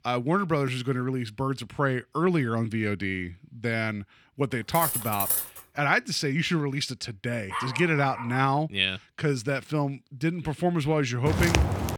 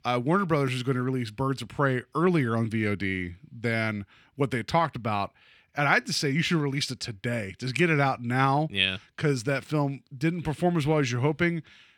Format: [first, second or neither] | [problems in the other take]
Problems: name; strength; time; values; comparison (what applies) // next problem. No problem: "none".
second | clattering dishes; loud; at 4.5 s; peak 2 dB above the speech // dog barking; noticeable; at 7.5 s; peak 6 dB below the speech // footsteps; loud; at 11 s; peak 3 dB above the speech